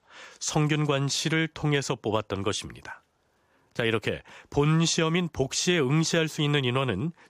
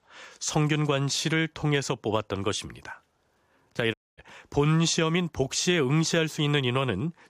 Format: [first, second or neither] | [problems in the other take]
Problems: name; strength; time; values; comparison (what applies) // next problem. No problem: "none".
first | audio cutting out; at 4 s